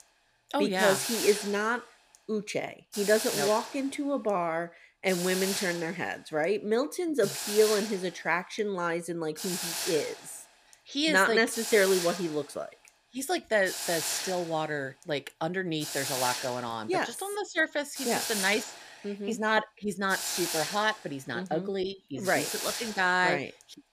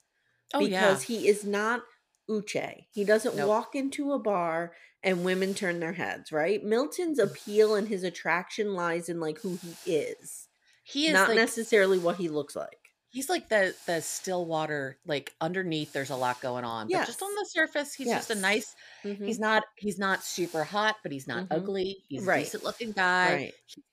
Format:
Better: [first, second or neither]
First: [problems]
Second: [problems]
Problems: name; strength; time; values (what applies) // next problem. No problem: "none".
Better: second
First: hiss; loud; throughout; 5 dB below the speech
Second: hiss; faint; throughout; 20 dB below the speech